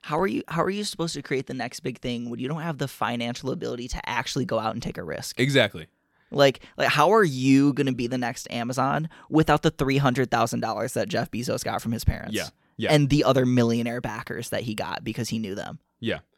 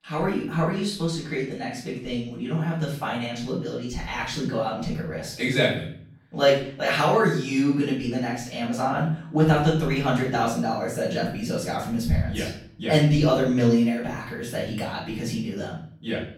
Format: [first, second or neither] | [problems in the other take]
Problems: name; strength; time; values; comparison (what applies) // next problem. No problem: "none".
first | room echo; noticeable; dies away in 0.5 s // off-mic speech; far